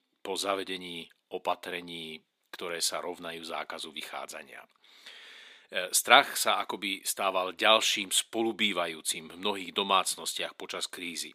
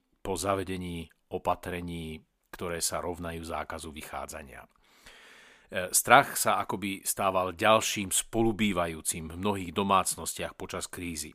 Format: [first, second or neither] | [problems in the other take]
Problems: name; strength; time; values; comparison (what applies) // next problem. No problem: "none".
second | thin; very slightly; fading below 300 Hz